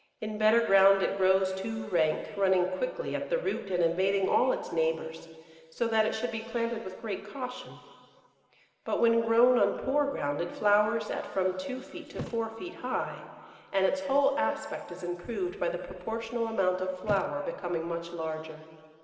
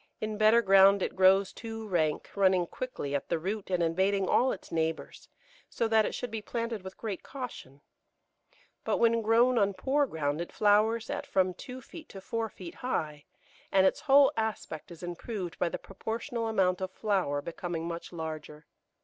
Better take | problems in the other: second | background sound (Thump, thud); 16 dB below the speech // room echo; dies away in 2.1 s

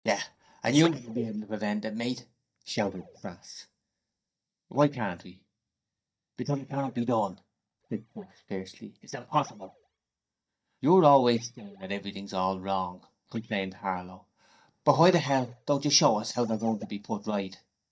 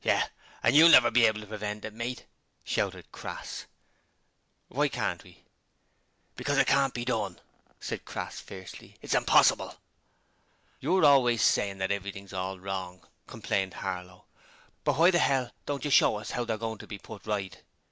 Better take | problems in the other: second | noise reduction (neural mask model DeepFilterNet 3)

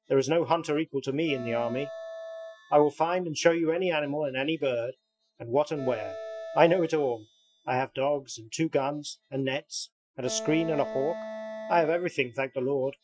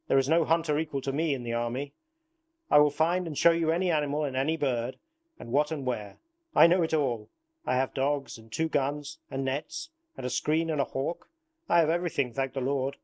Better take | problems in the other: second | noise reduction (classical method Wiener filter)

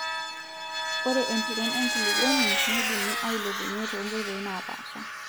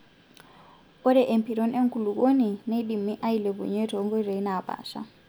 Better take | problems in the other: second | background sound (Vehicle); 3 dB above the speech

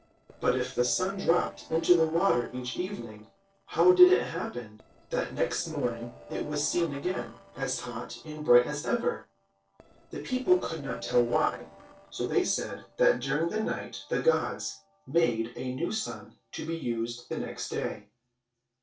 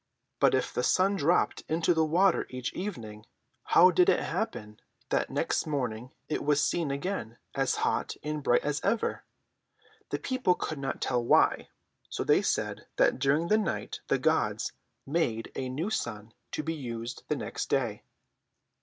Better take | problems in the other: second | noise reduction (neural separator model SepFormer DNS4)

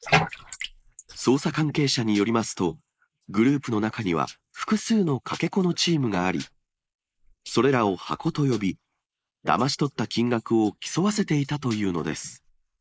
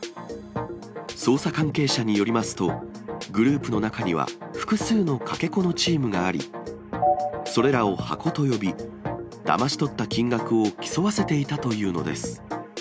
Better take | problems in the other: second | noise reduction (neural mask model Resemble Enhance denoiser)

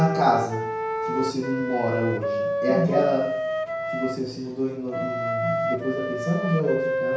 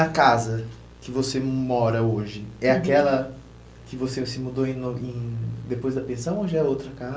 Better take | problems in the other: second | background sound (Wind instrument, woodwind instrument); 2 dB below the speech // room echo; dies away in 0.6 s

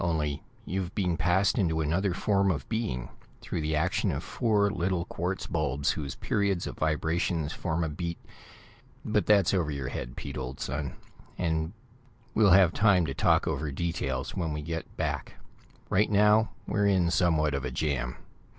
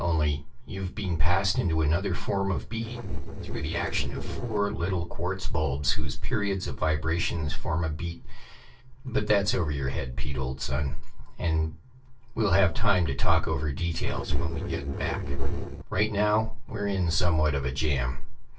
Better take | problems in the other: first | noise reduction (neural separator model SepFormer DNS4)

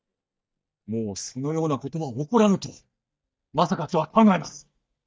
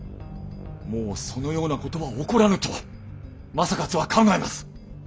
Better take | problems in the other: second | noise reduction (neural mask model DeepFilterNet 3)

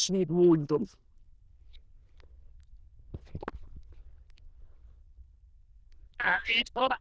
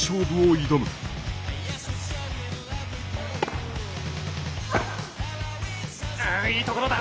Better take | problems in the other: second | noise reduction (neural diffusion model UNIVERSE++)

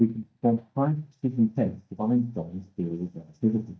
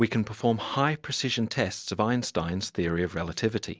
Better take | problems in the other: second | noise reduction (neural mask model DeepFilterNet 3)

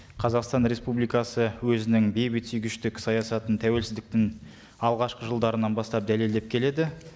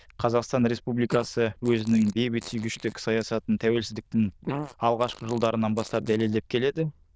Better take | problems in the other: first | noise reduction (neural diffusion model UNIVERSE++)

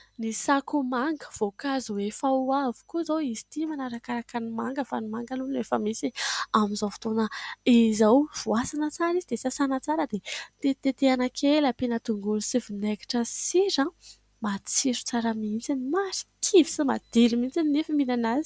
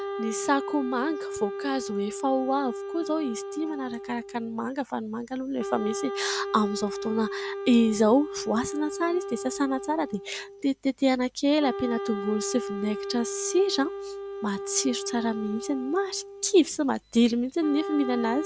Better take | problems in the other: first | background sound (Wind instrument, woodwind instrument); 8 dB below the speech

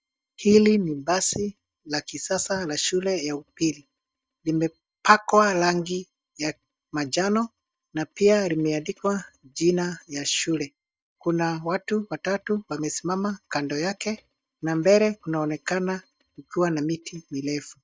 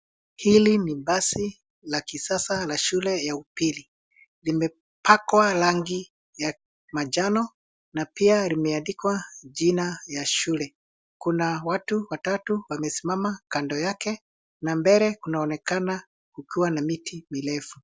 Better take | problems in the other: second | noise reduction (neural mask model DeepFilterNet 3)

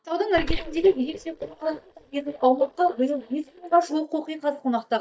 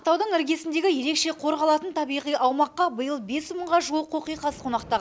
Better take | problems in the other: second | noise reduction (neural mask model DeepFilterNet 3)

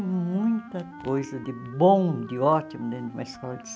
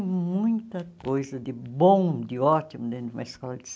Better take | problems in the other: second | background sound (Wind instrument, woodwind instrument); 17 dB below the speech

